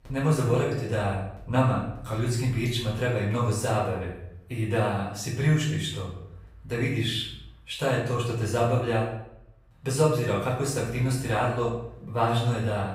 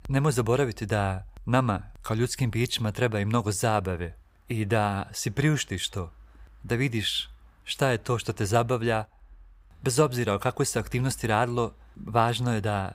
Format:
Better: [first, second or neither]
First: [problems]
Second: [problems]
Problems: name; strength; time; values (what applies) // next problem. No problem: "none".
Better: second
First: off-mic speech; far // room echo; noticeable; dies away in 0.7 s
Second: none